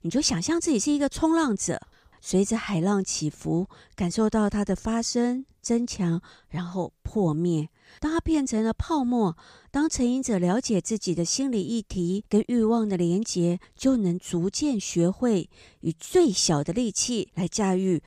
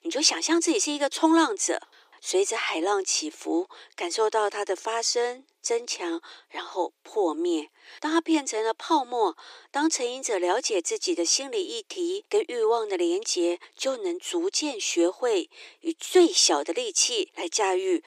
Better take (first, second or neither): first